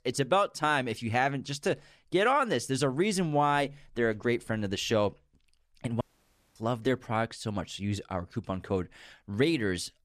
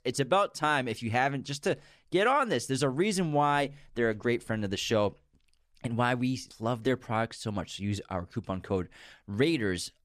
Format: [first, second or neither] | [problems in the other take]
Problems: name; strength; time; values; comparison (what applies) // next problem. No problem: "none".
second | audio cutting out; at 6 s for 0.5 s